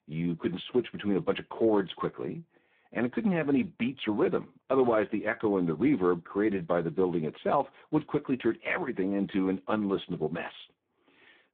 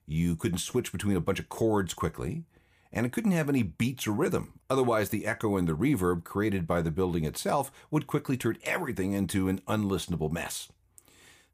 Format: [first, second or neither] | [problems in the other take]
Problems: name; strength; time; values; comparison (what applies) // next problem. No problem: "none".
second | phone-call audio; poor line